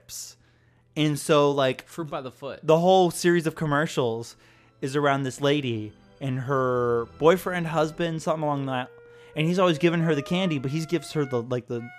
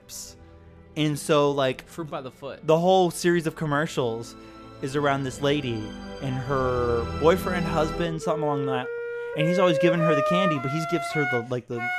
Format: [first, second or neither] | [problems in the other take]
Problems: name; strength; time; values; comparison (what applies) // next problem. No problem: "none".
first | background music; loud; throughout; 4 dB below the speech; faint in the first